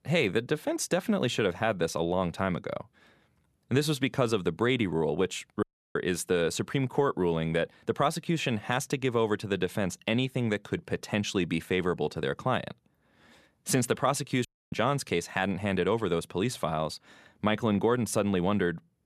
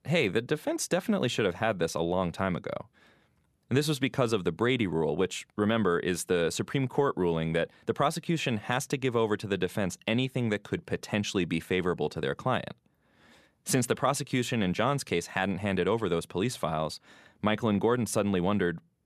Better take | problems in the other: second | audio cutting out; at 5.5 s and at 14 s

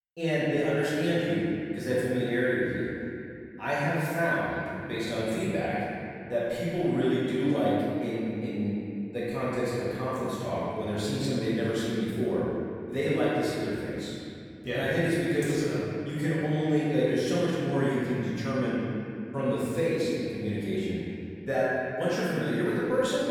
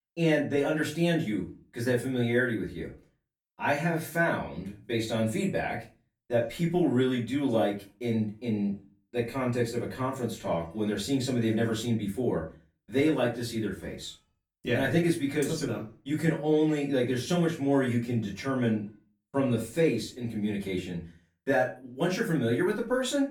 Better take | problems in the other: second | room echo; strong; dies away in 2.5 s; slight in the second // off-mic speech; far; far in the second

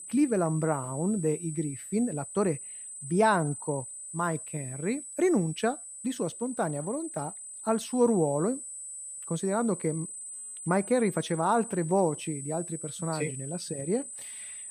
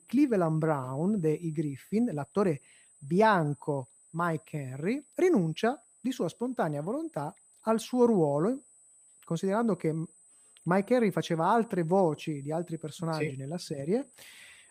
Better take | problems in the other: second | high-pitched whine; loud; throughout; 8 kHz, 9 dB below the speech; faint in the second

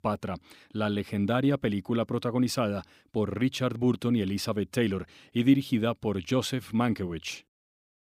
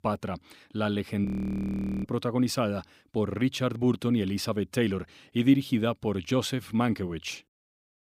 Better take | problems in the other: first | audio freezing; at 1.5 s for 1 s

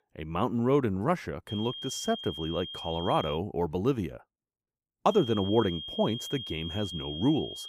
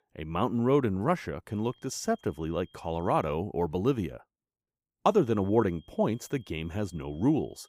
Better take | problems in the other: second | high-pitched whine; loud; from 1.5 to 3.5 s and from 5 s on; 3 kHz, 8 dB below the speech; faint in the second

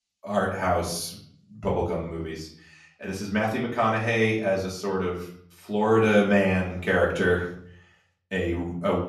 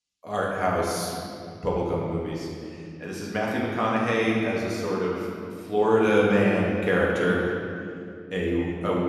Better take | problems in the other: first | room echo; strong; dies away in 2.2 s; slight in the first // off-mic speech; far; far in the first

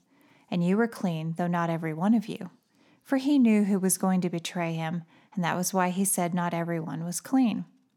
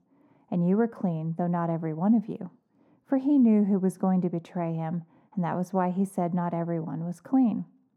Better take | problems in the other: first | muffled; very; fading above 2 kHz

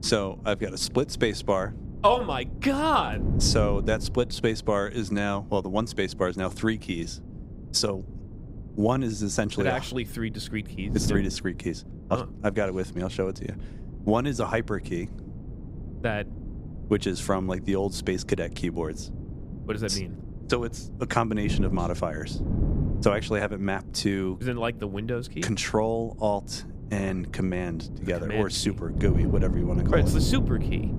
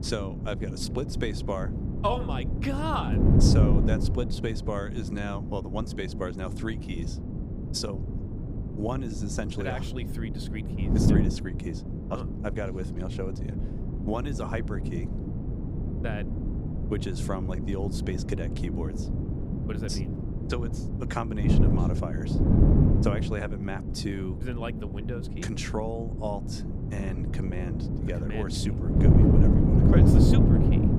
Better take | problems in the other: first | wind noise on the microphone; heavy; 1 dB below the speech; occasional gusts in the first

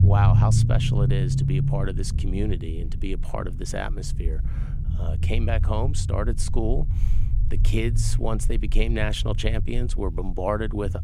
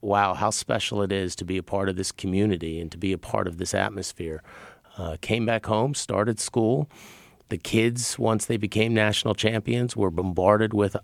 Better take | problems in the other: second | low rumble; loud; throughout; 8 dB below the speech

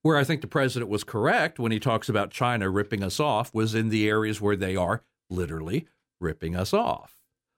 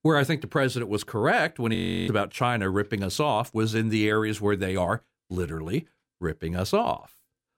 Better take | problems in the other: first | audio freezing; at 2 s

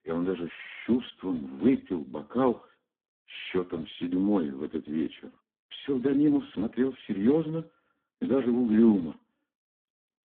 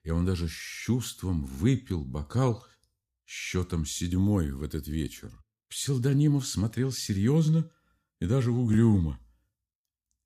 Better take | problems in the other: second | phone-call audio; poor line; nothing above 8 kHz

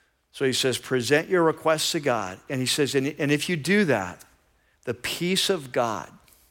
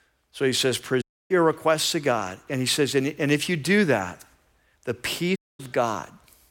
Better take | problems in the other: first | audio cutting out; at 1 s and at 5.5 s

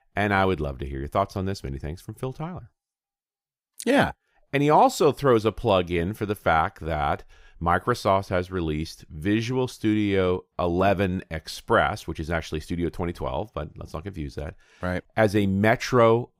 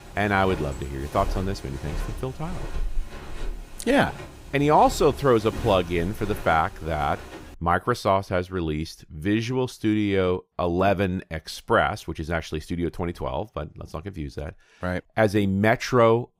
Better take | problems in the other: first | footsteps; noticeable; until 7.5 s; peak 9 dB below the speech

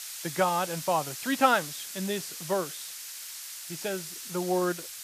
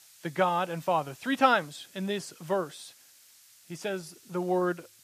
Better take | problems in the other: second | hiss; loud; throughout; 8 dB below the speech; faint in the second

